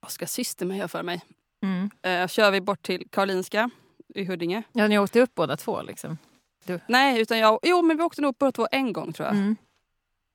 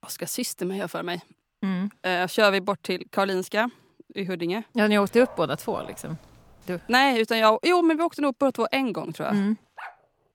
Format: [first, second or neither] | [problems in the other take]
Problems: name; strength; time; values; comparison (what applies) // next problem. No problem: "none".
first | dog barking; faint; from 5 to 7 s and at 10 s; peak 15 dB below the speech